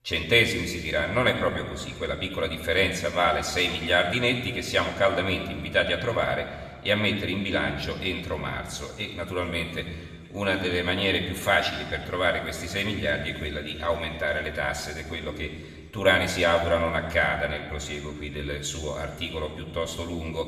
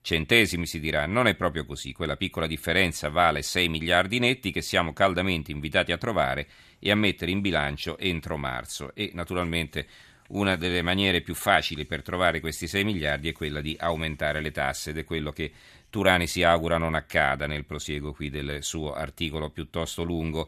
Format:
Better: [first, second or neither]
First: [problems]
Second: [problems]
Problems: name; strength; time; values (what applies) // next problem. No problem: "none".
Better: second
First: room echo; slight; dies away in 1.6 s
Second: none